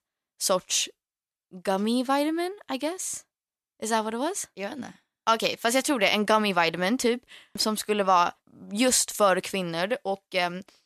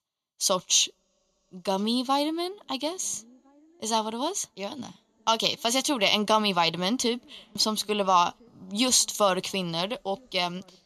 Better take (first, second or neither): first